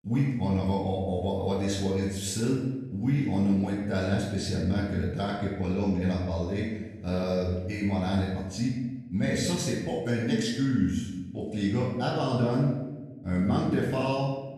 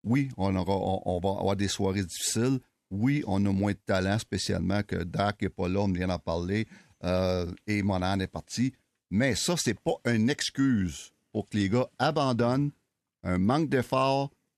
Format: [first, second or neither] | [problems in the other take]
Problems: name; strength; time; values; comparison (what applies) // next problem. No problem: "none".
second | off-mic speech; far // room echo; noticeable; dies away in 1 s